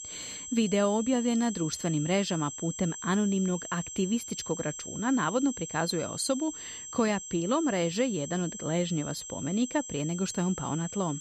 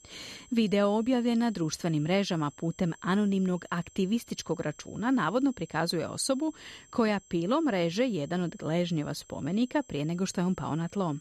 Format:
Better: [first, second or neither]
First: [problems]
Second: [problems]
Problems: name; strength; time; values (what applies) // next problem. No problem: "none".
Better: second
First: high-pitched whine; loud; throughout; 7.5 kHz, 9 dB below the speech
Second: high-pitched whine; faint; throughout; 7.5 kHz, 25 dB below the speech